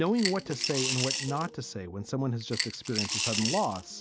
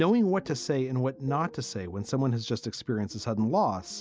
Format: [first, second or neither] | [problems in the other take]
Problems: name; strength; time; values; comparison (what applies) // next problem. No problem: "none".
second | background sound (Coin (dropping) / Glass); 3 dB below the speech